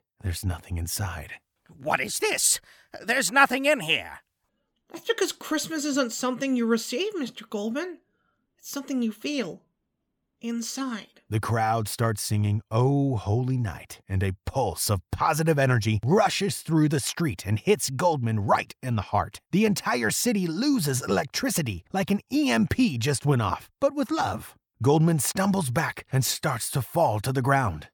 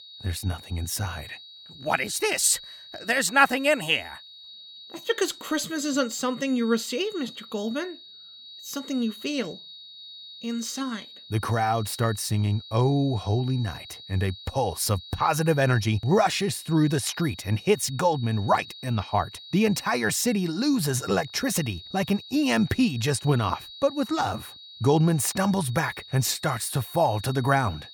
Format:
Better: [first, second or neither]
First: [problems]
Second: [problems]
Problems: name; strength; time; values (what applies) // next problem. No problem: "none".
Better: first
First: none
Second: high-pitched whine; noticeable; throughout; 4 kHz, 15 dB below the speech